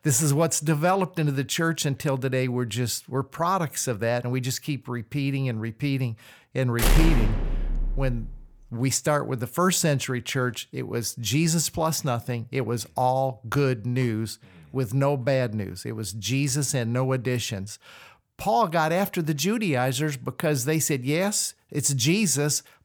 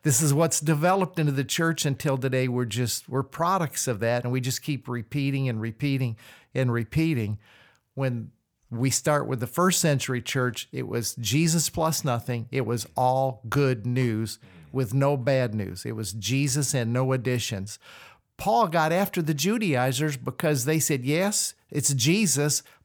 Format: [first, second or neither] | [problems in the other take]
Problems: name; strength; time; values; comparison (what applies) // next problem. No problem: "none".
second | door banging; loud; from 7 to 8.5 s; peak 3 dB above the speech